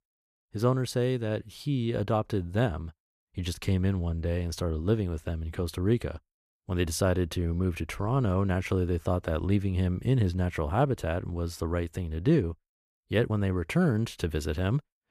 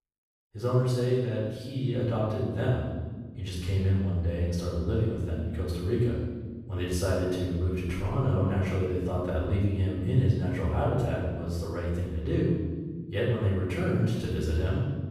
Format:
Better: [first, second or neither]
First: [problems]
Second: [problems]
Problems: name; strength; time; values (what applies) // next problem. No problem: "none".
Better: first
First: none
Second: off-mic speech; far // room echo; strong; dies away in 1.5 s